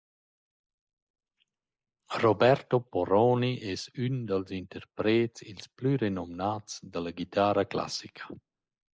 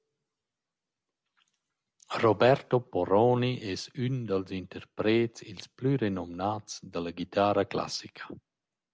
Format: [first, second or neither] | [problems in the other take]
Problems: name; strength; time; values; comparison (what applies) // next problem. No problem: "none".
second | noise reduction (neural mask model Resemble Enhance denoiser)